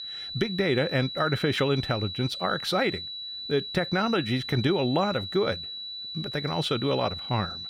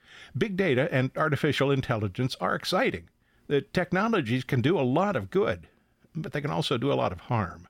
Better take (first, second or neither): second